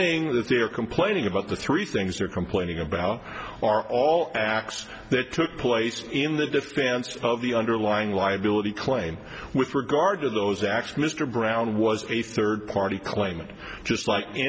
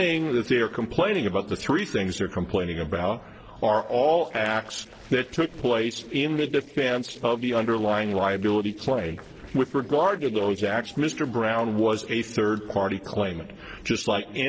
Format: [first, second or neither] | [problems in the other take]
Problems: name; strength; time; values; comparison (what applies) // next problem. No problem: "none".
first | noise reduction (neural separator model SepFormer DNS4)